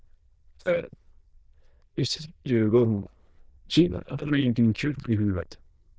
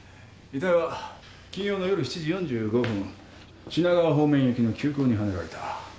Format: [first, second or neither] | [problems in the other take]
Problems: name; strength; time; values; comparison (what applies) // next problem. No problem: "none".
second | noise reduction (neural diffusion model UNIVERSE++)